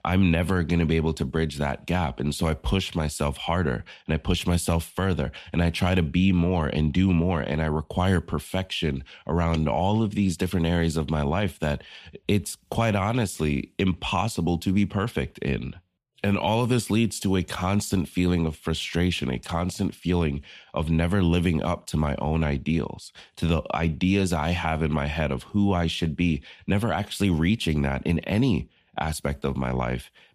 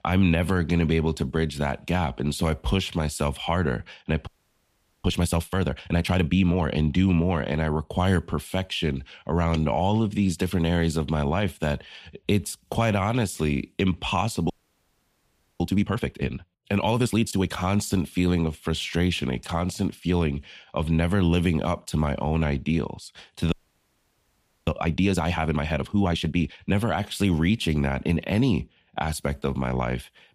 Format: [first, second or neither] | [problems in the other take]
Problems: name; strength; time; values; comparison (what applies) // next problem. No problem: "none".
first | audio freezing; at 4.5 s for 1 s, at 15 s for 1 s and at 24 s for 1 s